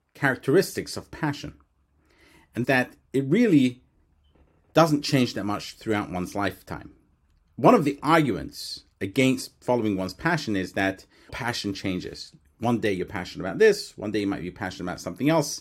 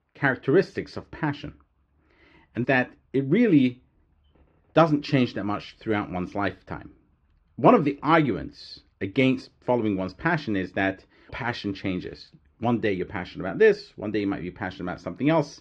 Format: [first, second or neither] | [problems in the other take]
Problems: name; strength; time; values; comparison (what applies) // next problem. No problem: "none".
first | muffled; slightly; fading above 3.5 kHz